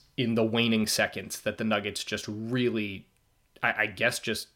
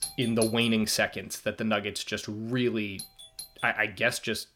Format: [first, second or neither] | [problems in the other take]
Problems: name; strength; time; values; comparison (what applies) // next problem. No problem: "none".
first | doorbell; noticeable; at the start; peak 6 dB below the speech // doorbell; faint; at 3 s; peak 15 dB below the speech